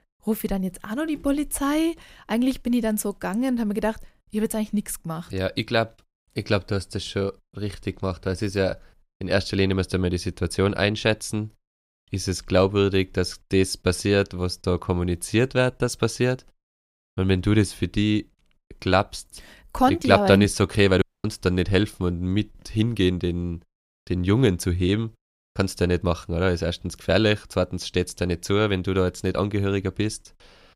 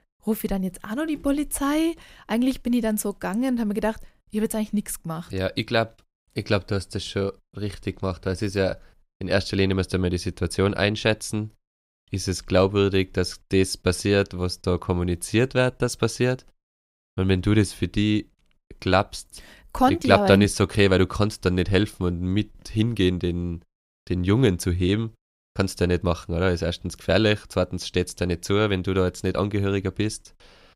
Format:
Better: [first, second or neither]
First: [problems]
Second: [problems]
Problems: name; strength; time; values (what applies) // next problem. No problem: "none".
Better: second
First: audio cutting out; at 21 s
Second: none